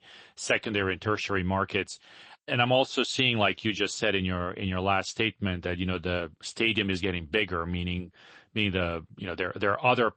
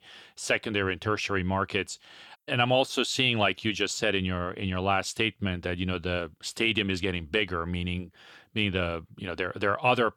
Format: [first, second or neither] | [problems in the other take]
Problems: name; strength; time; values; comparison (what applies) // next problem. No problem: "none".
second | garbled, watery; slightly; nothing above 8 kHz